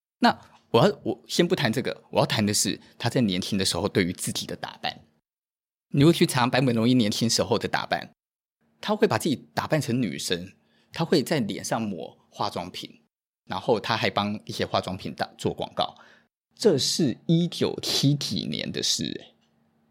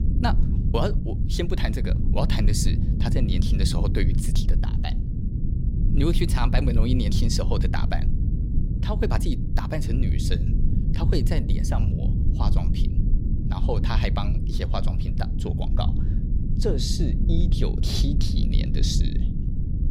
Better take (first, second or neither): first